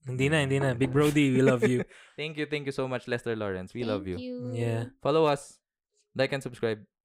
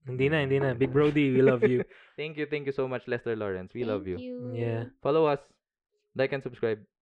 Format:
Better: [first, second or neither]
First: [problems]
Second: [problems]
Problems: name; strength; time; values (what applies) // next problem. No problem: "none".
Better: first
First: none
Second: muffled; slightly; fading above 2.5 kHz